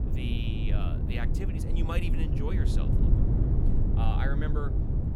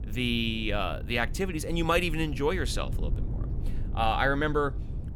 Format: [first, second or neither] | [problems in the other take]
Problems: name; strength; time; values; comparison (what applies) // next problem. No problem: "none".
second | low rumble; loud; throughout; 1 dB below the speech; faint in the second